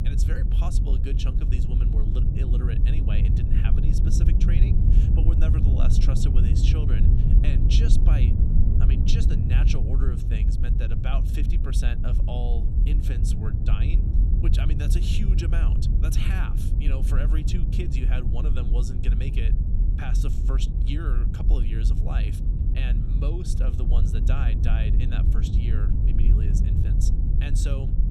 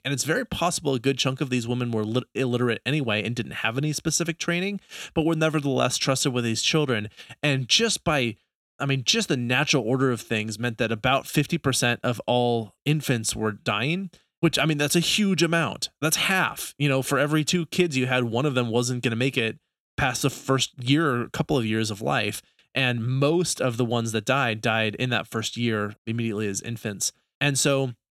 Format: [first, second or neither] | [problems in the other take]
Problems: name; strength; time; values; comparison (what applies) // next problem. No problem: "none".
second | low rumble; loud; throughout; as loud as the speech